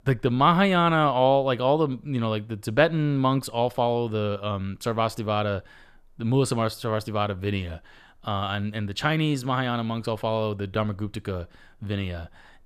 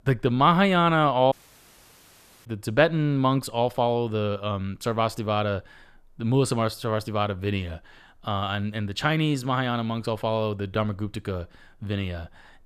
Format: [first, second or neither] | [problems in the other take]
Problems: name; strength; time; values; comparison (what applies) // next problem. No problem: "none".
first | audio cutting out; at 1.5 s for 1 s